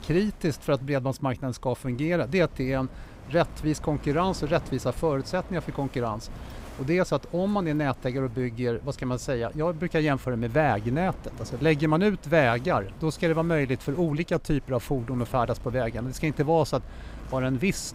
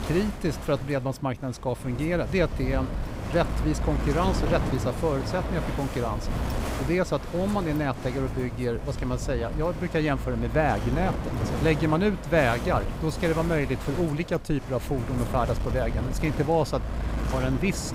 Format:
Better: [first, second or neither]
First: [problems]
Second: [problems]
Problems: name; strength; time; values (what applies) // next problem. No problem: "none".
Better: first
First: wind noise on the microphone; occasional gusts; 20 dB below the speech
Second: wind noise on the microphone; heavy; 8 dB below the speech